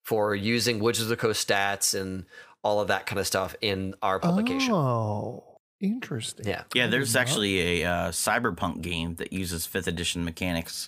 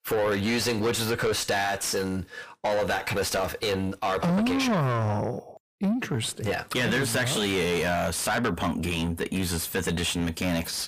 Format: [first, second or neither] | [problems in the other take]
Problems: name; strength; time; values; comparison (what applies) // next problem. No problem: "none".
first | distortion; heavy; 6 dB below the speech